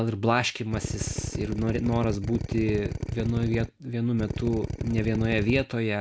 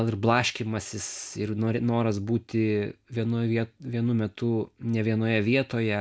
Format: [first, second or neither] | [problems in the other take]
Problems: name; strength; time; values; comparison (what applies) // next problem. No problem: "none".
second | background sound (Drill); 5 dB below the speech